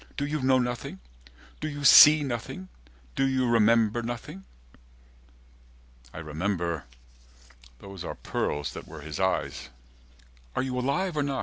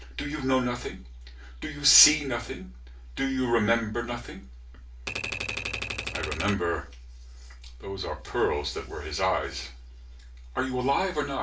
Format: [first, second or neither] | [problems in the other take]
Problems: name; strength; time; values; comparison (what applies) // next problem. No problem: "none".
first | background sound (Typewriter); 5 dB below the speech // room echo; dies away in 0.3 s